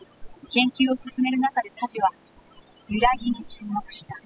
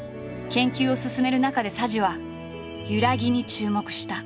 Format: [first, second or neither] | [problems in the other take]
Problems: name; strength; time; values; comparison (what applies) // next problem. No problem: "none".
second | noise reduction (classical method spectral subtraction)